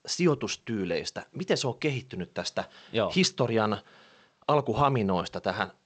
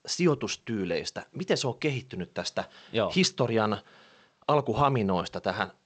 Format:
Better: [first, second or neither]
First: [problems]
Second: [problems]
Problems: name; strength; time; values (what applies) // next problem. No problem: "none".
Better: neither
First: garbled, watery; slightly; nothing above 7.5 kHz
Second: garbled, watery; slightly; nothing above 7.5 kHz